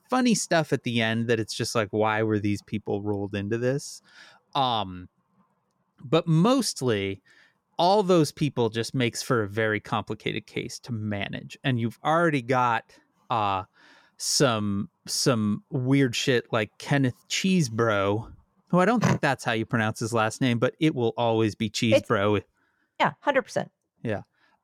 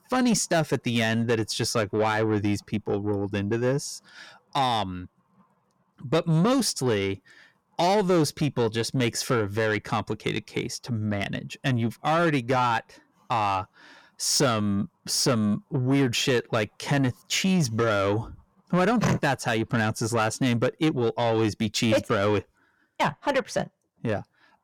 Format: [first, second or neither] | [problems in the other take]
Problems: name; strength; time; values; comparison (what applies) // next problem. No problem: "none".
first | distortion; slight; 10 dB below the speech